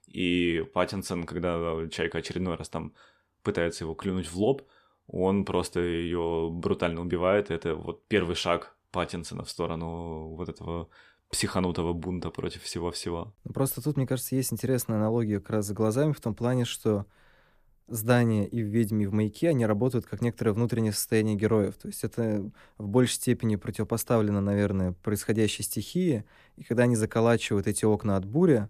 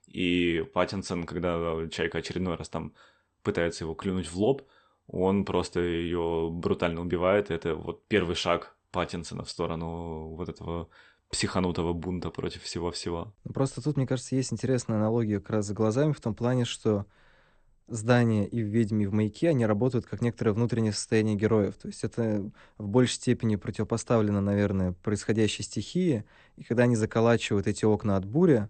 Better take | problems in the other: first | garbled, watery; slightly; nothing above 8.5 kHz

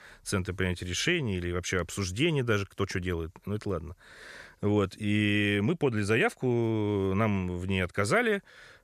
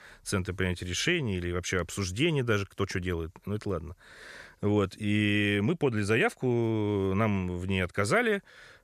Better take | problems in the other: neither | none

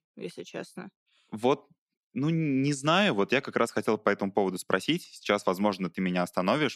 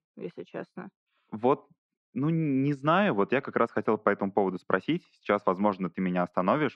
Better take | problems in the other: first | muffled; very; fading above 2 kHz

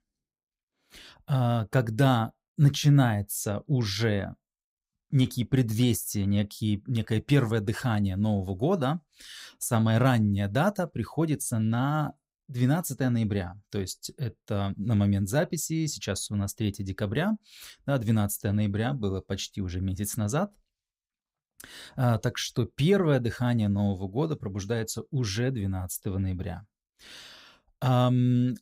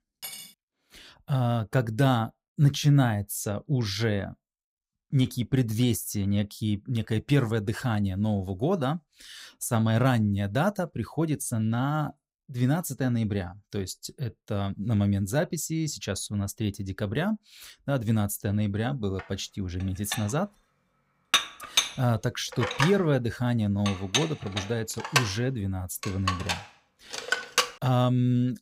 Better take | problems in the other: first | clattering dishes; faint; at the start; peak 10 dB below the speech // clattering dishes; loud; from 20 to 28 s; peak 3 dB above the speech

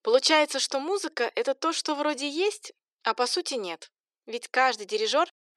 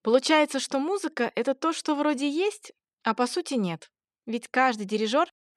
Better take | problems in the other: second | thin; somewhat; fading below 350 Hz

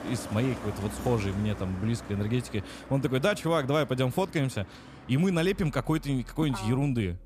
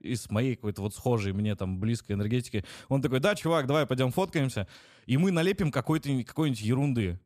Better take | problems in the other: second | traffic noise; noticeable; throughout; 15 dB below the speech

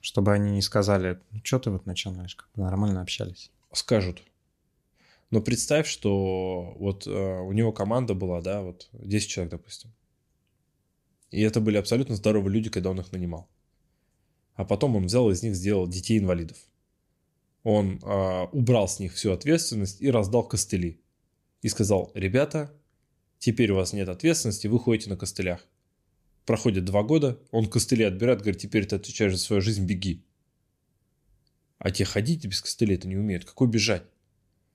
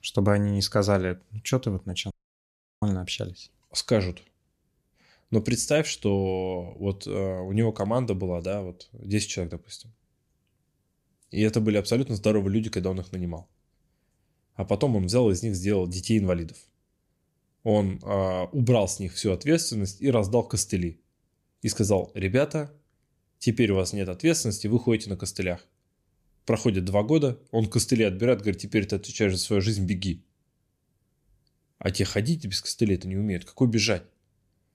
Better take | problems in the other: first | audio cutting out; at 2 s for 0.5 s

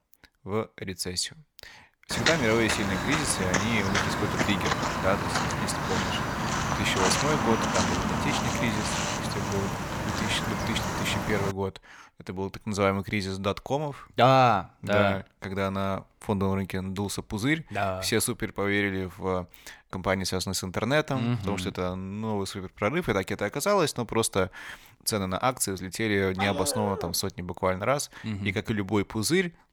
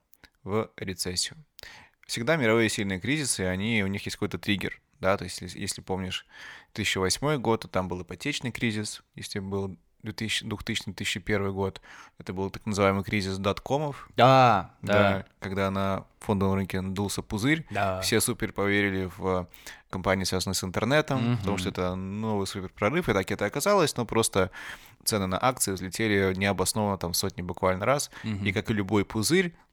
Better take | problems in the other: second | footsteps; loud; from 2 to 12 s; peak 3 dB above the speech // dog barking; noticeable; at 26 s; peak 4 dB below the speech

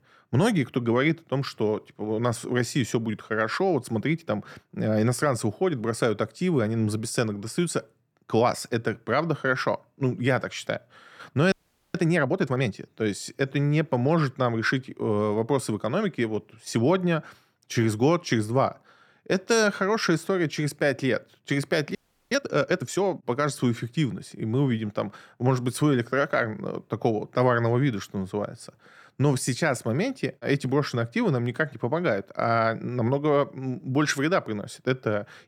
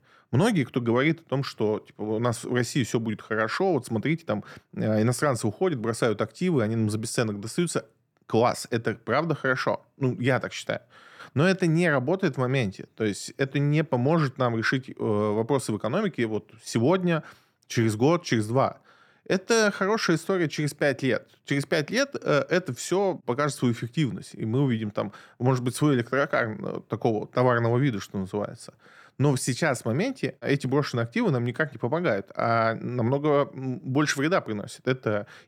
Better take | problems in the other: second | audio freezing; at 12 s and at 22 s

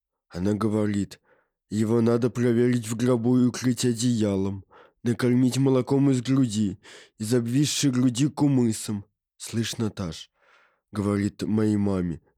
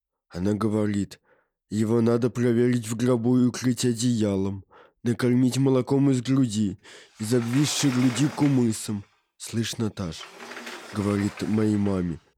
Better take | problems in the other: first | door banging; noticeable; from 7 s on; peak 10 dB below the speech

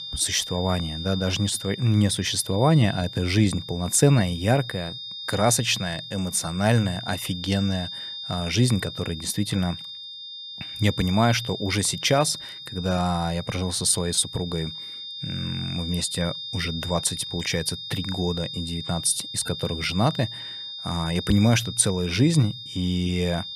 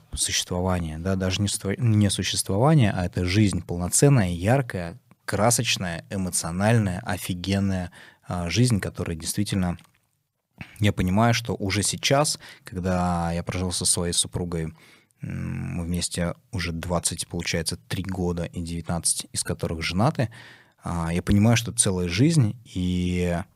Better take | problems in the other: second | high-pitched whine; loud; throughout; 3.5 kHz, 9 dB below the speech

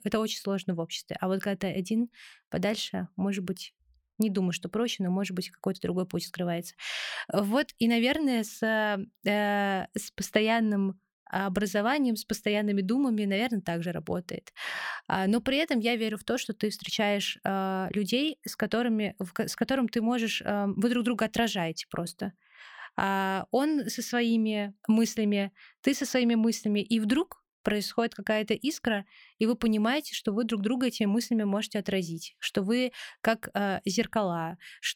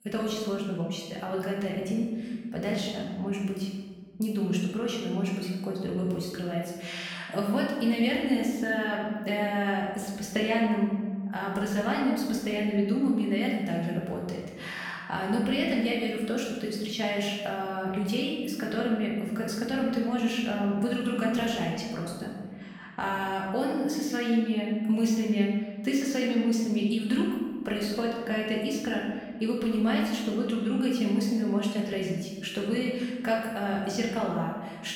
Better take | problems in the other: first | room echo; noticeable; dies away in 1.3 s // off-mic speech; far

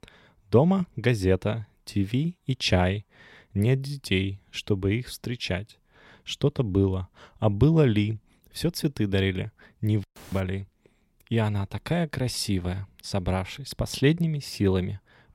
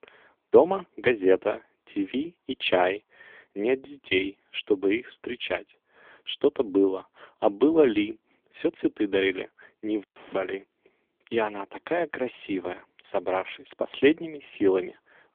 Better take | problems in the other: first | phone-call audio; poor line; nothing above 3.5 kHz

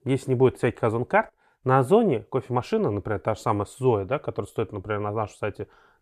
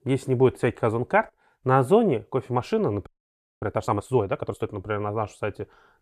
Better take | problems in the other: first | audio freezing; at 3 s for 0.5 s

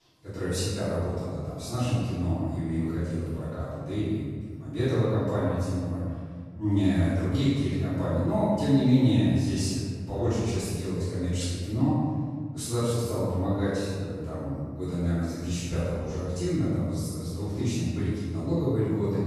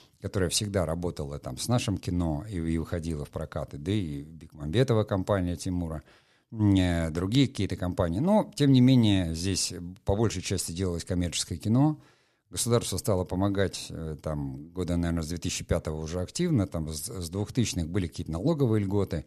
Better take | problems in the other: second | room echo; strong; dies away in 1.8 s // off-mic speech; far

